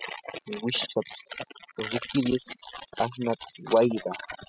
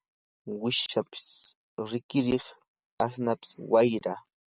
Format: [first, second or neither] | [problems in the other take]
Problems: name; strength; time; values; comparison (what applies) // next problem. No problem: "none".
second | noise reduction (classical method spectral subtraction)